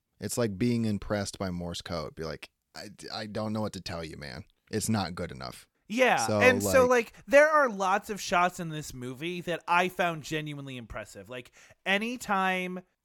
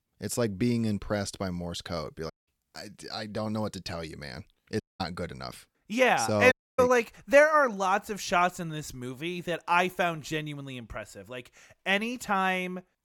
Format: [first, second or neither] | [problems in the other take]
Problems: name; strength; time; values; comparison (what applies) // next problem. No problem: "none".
first | audio cutting out; at 2.5 s, at 5 s and at 6.5 s